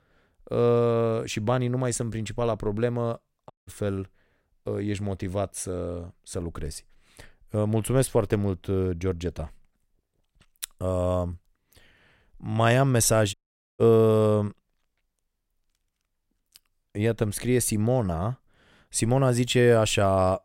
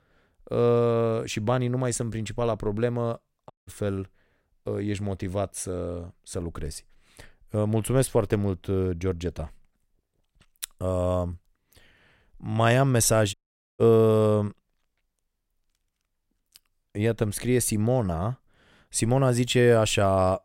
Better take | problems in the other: neither | audio cutting out; at 3.5 s and at 13 s; the same in both

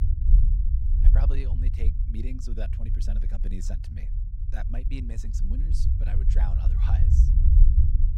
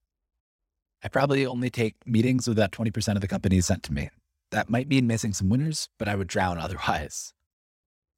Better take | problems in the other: second | low rumble; loud; throughout; as loud as the speech

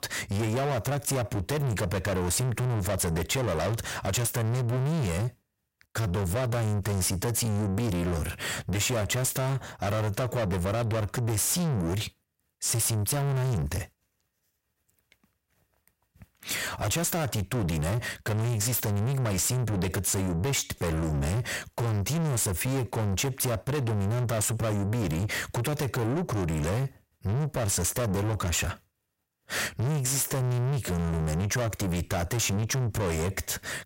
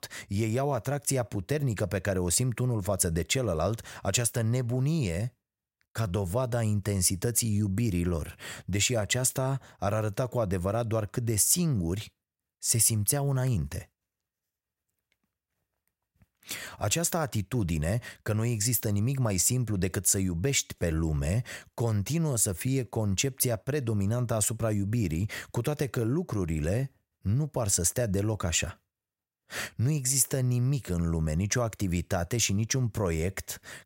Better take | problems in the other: second | distortion; heavy; 6 dB below the speech

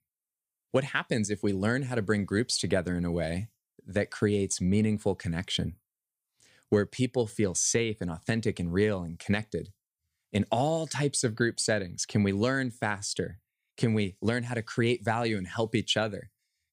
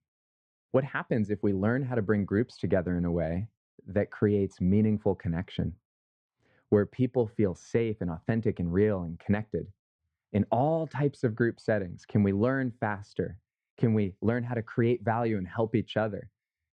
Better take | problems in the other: first | muffled; very; fading above 3.5 kHz

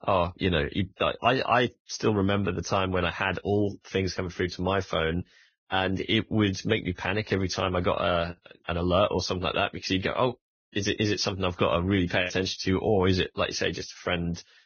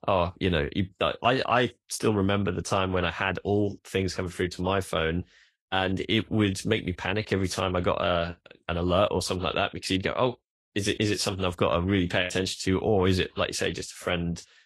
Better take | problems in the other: second | garbled, watery; badly; nothing above 6.5 kHz; slightly in the second

